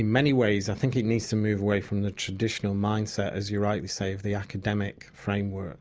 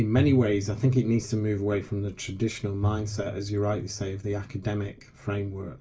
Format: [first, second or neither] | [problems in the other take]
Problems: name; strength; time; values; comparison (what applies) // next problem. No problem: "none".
first | background sound (Bowed string instrument); 10 dB below the speech // room echo; dies away in 0.2 s